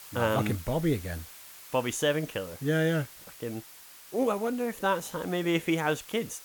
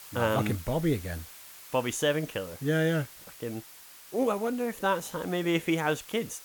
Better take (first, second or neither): neither